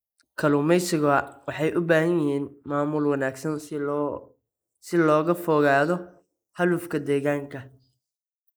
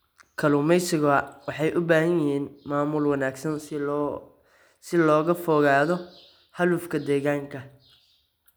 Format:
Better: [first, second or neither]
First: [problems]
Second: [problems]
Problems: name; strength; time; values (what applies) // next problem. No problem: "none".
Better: second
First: noise reduction (neural mask model Resemble Enhance denoiser)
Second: none